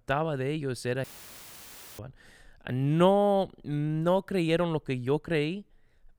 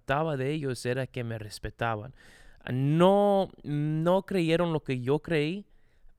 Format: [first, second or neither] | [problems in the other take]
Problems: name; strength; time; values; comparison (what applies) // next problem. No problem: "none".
second | audio cutting out; filled with static; at 1 s for 1 s